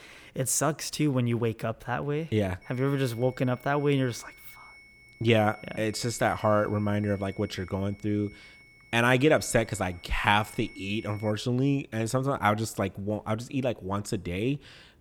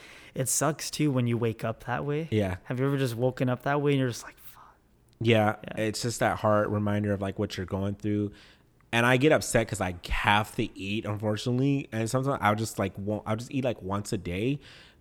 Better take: second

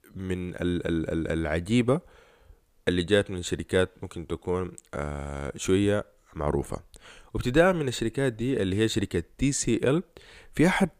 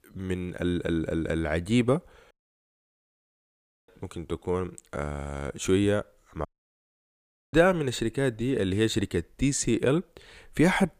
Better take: first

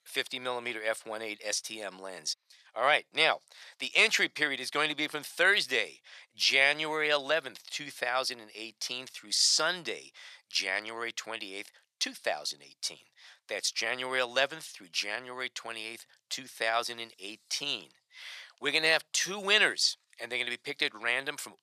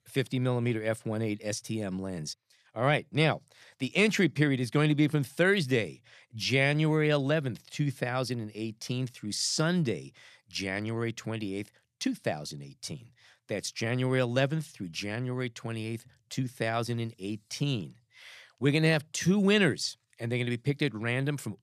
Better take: second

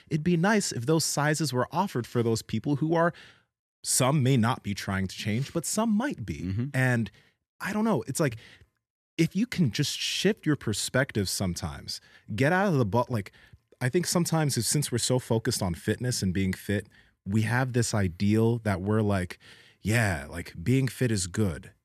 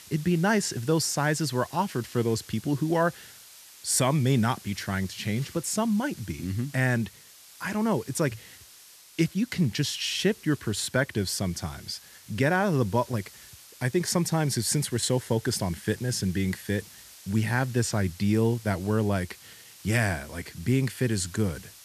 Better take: first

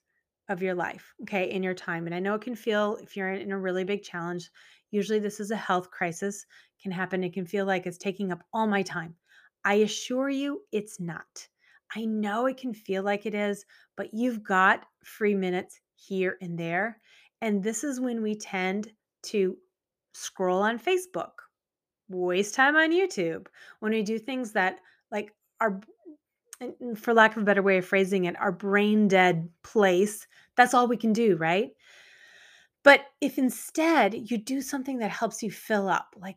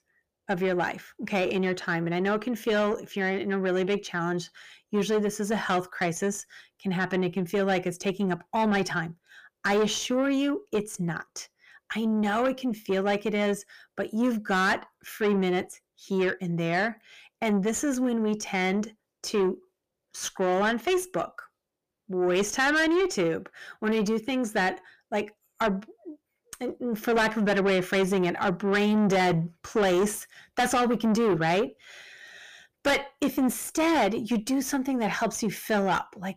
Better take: first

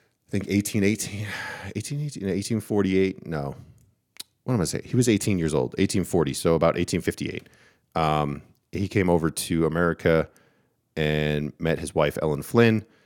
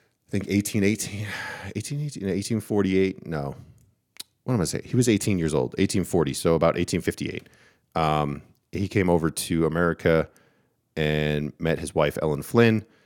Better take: neither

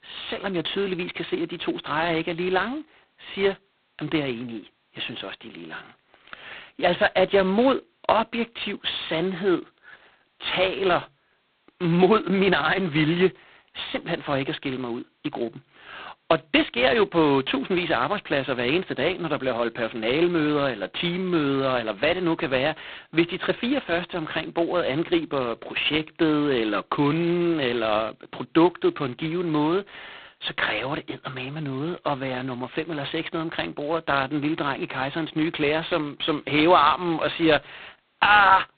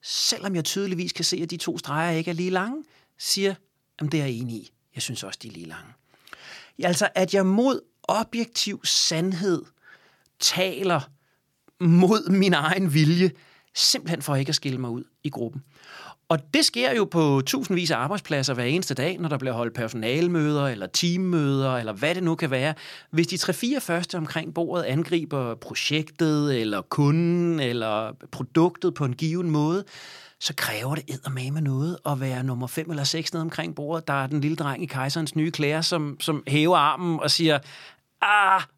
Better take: second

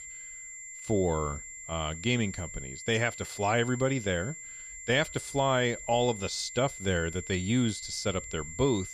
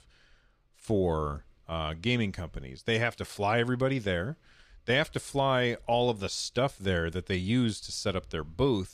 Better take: second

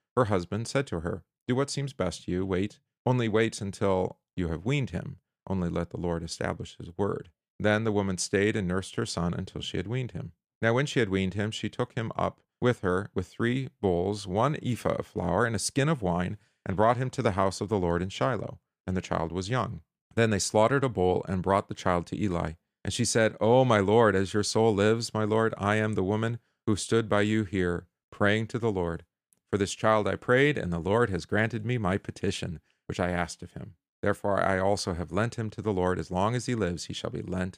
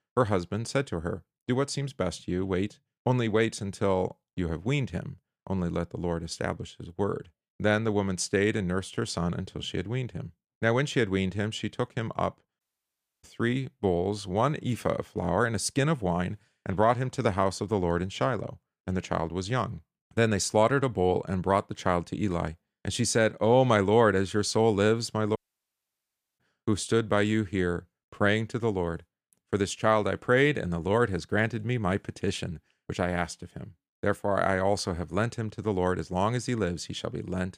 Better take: first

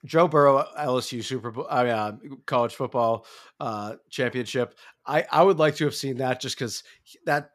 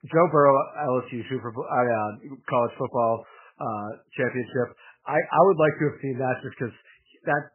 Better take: first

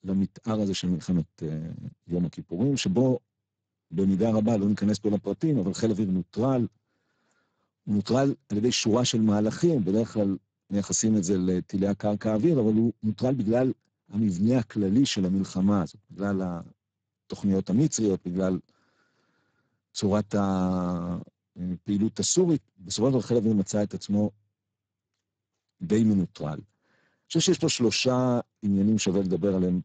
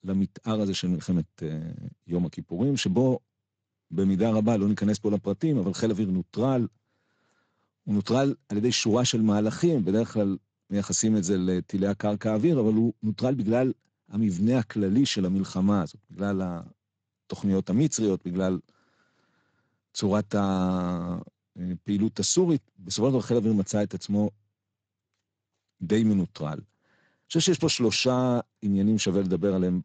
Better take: second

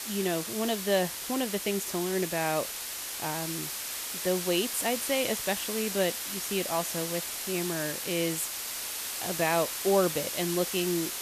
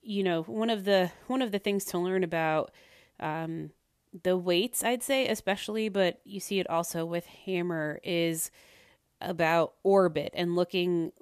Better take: second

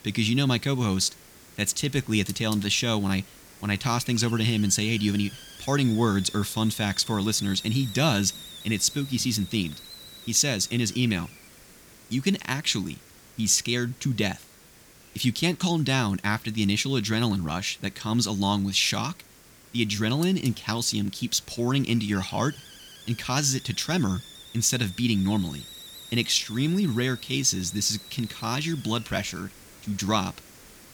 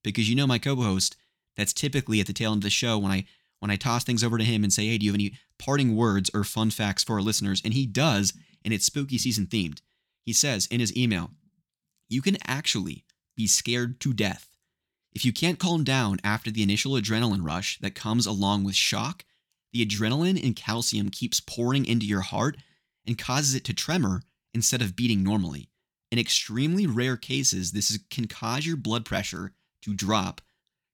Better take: second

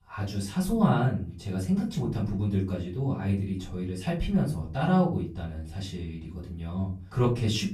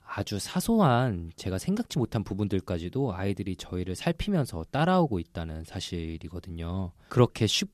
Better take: second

